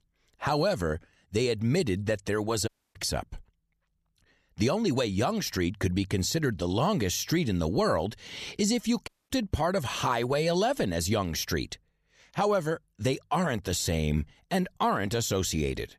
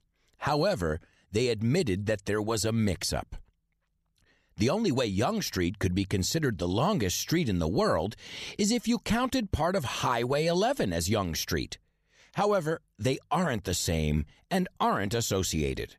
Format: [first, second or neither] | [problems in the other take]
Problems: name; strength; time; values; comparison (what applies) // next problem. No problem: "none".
second | audio cutting out; at 2.5 s and at 9 s